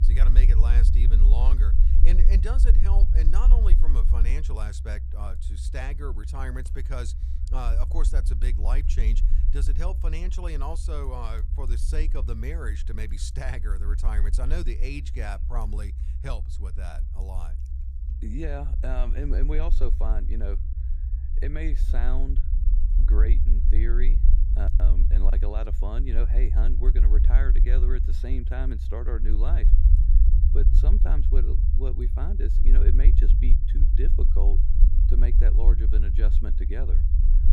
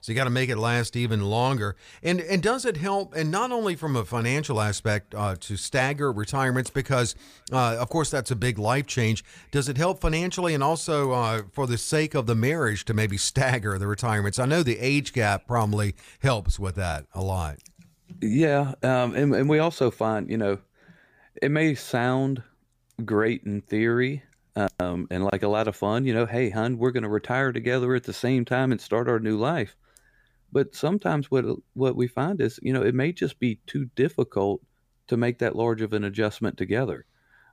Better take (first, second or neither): second